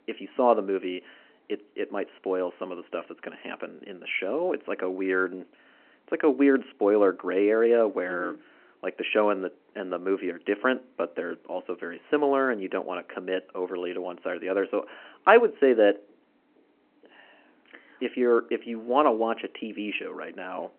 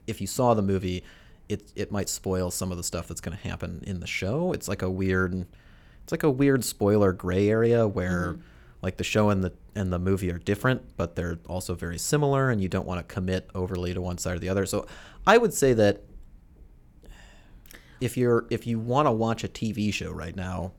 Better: second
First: phone-call audio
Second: none

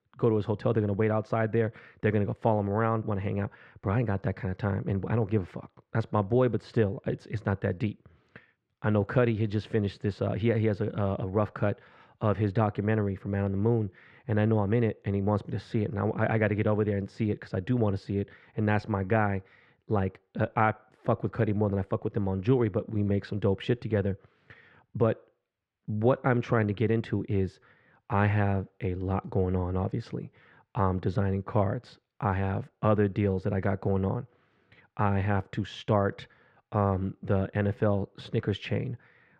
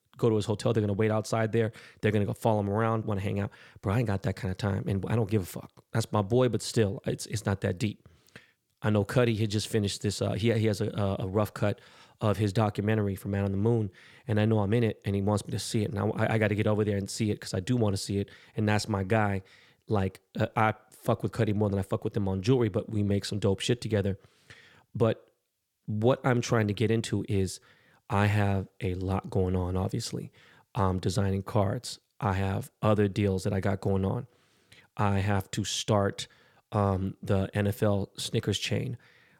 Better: second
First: muffled; very; fading above 2 kHz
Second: none

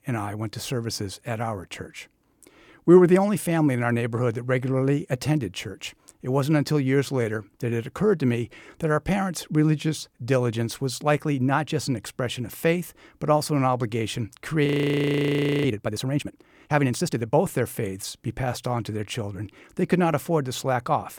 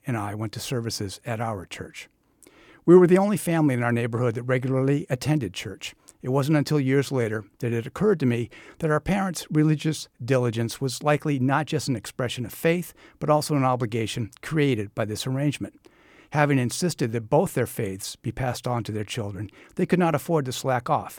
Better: second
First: audio freezing; at 15 s for 1 s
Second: none

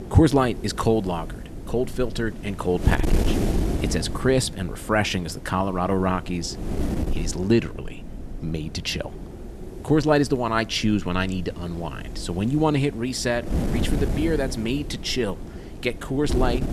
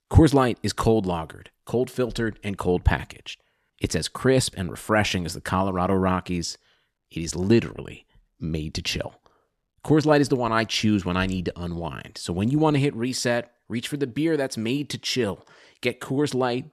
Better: second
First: wind noise on the microphone; occasional gusts; 10 dB below the speech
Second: none

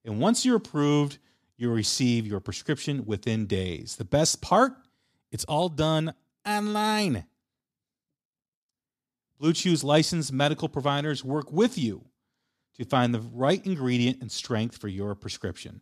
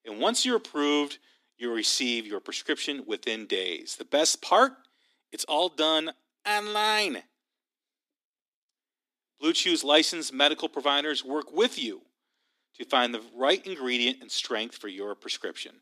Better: first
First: none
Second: thin; somewhat; fading below 300 Hz

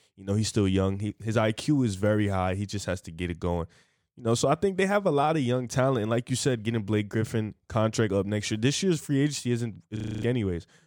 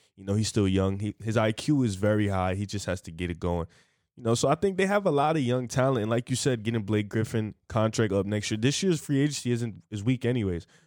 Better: second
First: audio freezing; at 10 s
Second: none

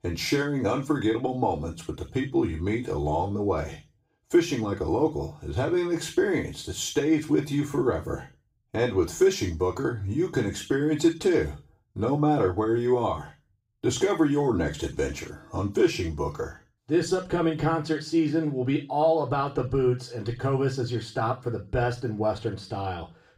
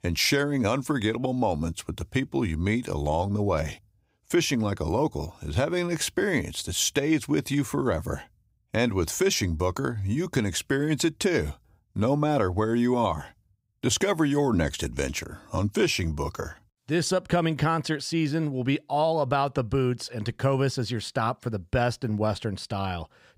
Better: second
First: room echo; slight; dies away in 0.3 s // off-mic speech; far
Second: none

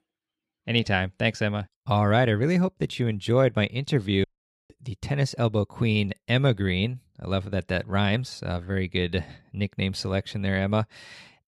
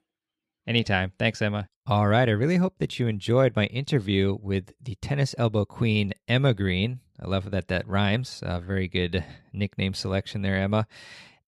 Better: second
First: audio cutting out; at 4 s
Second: none

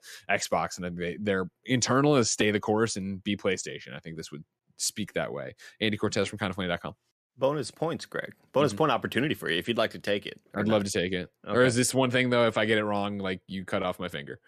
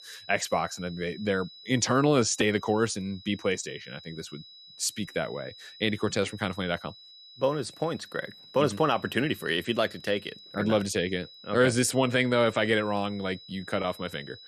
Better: first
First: none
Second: high-pitched whine; noticeable; throughout; 4 kHz, 20 dB below the speech

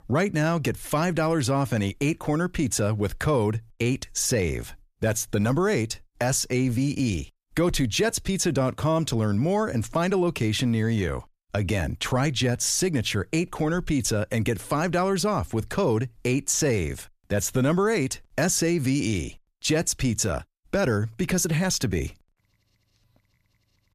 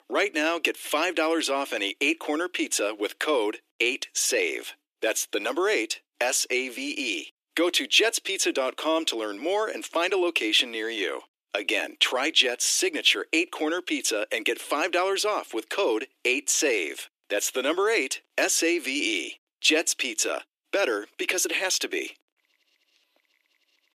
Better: first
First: none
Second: thin; very; fading below 300 Hz

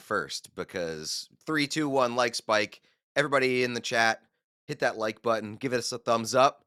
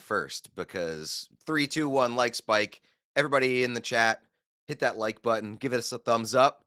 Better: first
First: none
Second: garbled, watery; slightly; nothing above 17.5 kHz

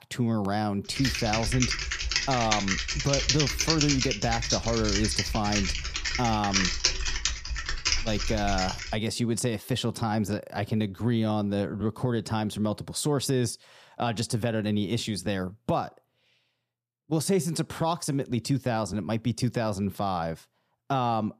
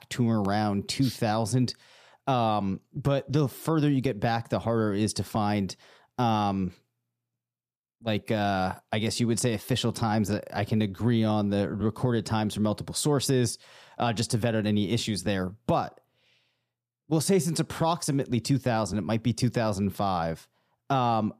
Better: second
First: keyboard typing; loud; from 1 to 9 s; peak 5 dB above the speech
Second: none

